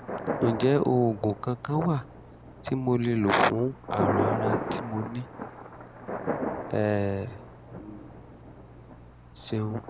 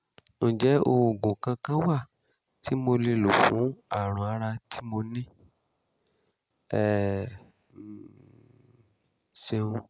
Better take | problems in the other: second | background sound (Thunder); 6 dB below the speech

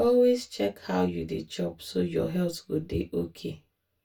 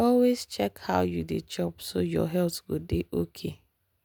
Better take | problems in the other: second | room echo; dies away in 0.2 s

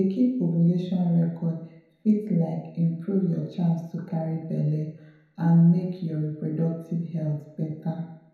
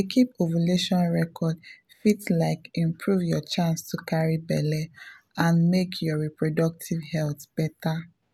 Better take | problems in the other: second | room echo; dies away in 1 s

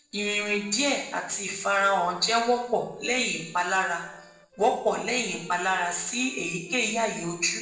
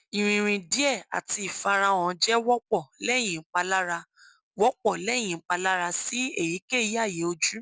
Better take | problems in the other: second | noise reduction (neural separator model SepFormer DNS4)

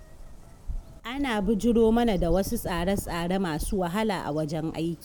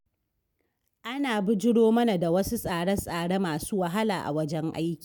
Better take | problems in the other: second | background sound (Bird vocalization, bird call, bird song); 10 dB below the speech

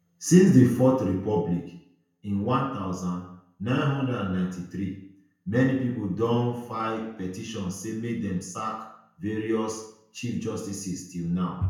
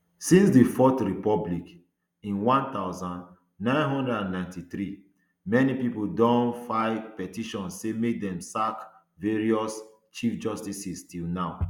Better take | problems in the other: second | room echo; dies away in 0.5 s

